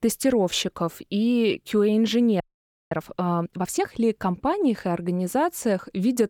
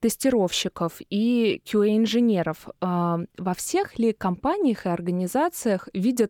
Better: second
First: audio freezing; at 2.5 s for 0.5 s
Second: none

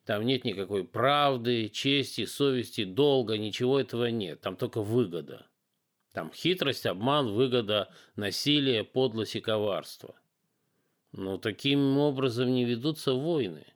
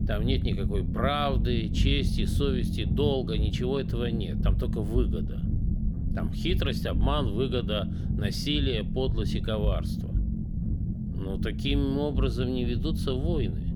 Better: first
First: none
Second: low rumble; loud; throughout; 8 dB below the speech

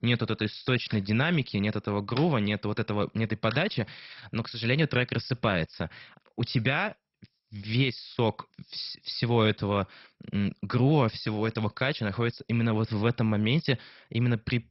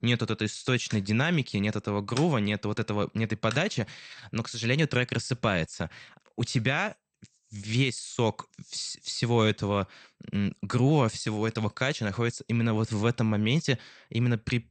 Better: second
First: garbled, watery; badly; nothing above 5.5 kHz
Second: garbled, watery; slightly; nothing above 8.5 kHz

